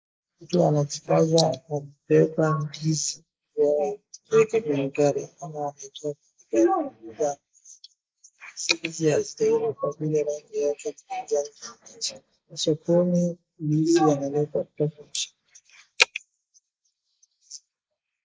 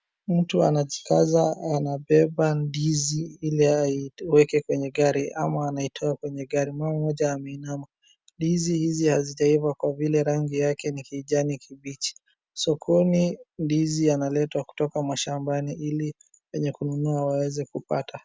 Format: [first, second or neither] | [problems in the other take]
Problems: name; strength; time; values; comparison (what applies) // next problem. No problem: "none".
second | noise reduction (neural mask model Resemble Enhance denoiser)